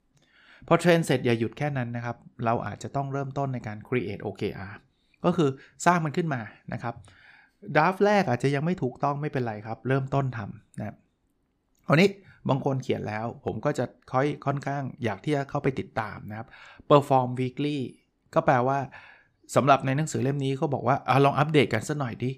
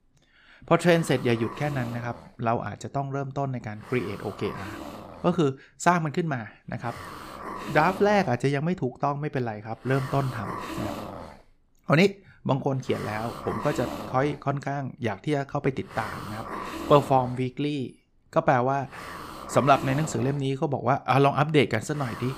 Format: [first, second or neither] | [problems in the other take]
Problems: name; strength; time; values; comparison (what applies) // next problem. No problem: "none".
first | hiss; noticeable; throughout; 10 dB below the speech